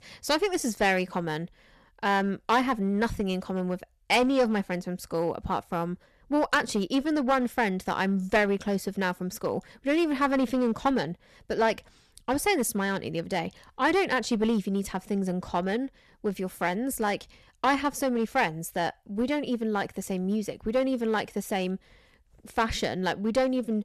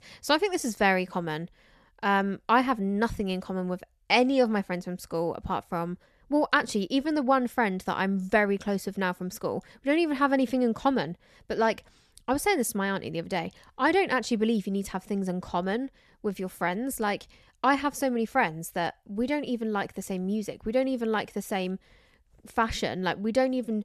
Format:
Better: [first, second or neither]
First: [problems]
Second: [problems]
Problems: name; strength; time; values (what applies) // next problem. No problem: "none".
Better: second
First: distortion; slight; 4% of the sound clipped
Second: none